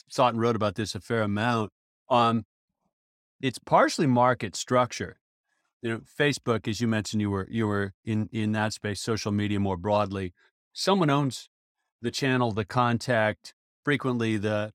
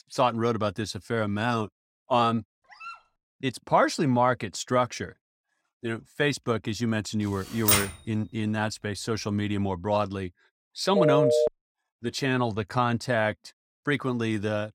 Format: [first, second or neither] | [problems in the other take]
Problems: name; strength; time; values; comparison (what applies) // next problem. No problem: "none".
first | dog barking; faint; at 2.5 s; peak 15 dB below the speech // keyboard typing; loud; at 7.5 s; peak 6 dB above the speech // phone ringing; loud; at 11 s; peak 6 dB above the speech